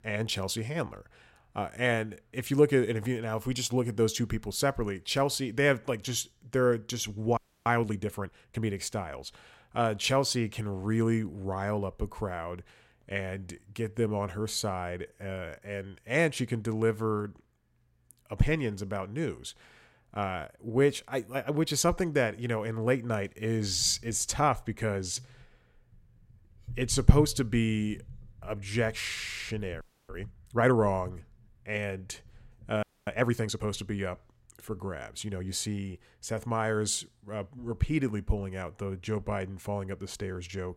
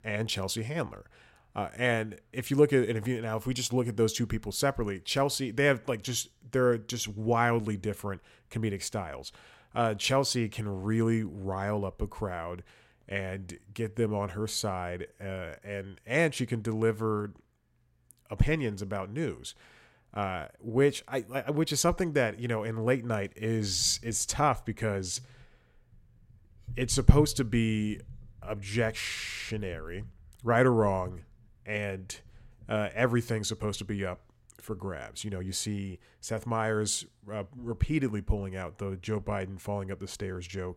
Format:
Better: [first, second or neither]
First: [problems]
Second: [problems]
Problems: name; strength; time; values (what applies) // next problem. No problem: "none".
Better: second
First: audio freezing; at 7.5 s, at 30 s and at 33 s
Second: none